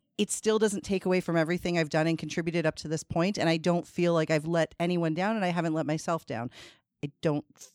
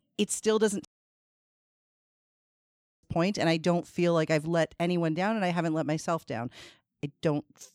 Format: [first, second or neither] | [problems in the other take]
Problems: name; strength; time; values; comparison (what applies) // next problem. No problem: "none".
first | audio cutting out; at 1 s for 2 s